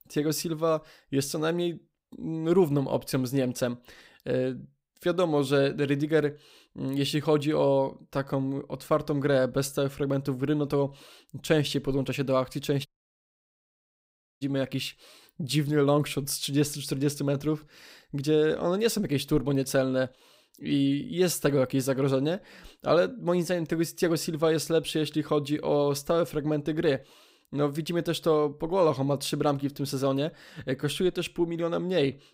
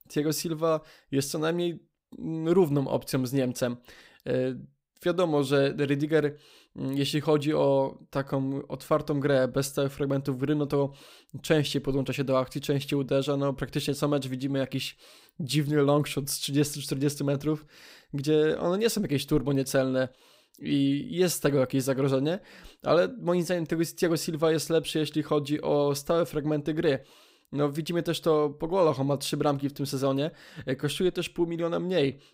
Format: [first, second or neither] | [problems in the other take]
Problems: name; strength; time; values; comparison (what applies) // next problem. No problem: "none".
second | audio cutting out; at 13 s for 1.5 s